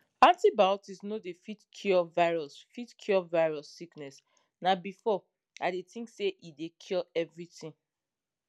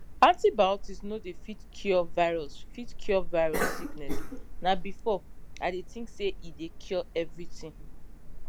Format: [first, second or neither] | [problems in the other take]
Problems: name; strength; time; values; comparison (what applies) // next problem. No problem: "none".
first | background sound (Cough); 4 dB below the speech